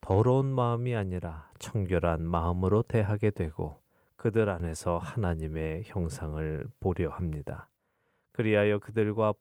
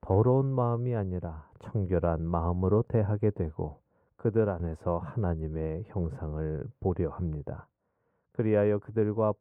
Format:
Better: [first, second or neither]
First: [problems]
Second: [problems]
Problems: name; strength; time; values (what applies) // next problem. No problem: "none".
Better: first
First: none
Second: muffled; very; fading above 2 kHz